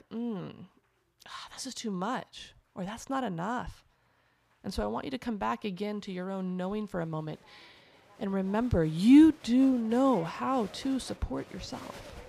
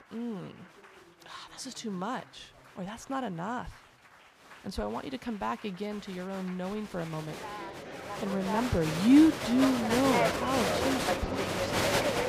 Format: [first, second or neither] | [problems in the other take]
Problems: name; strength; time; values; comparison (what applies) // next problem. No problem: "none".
first | crowd noise; loud; throughout; 1 dB below the speech; faint in the first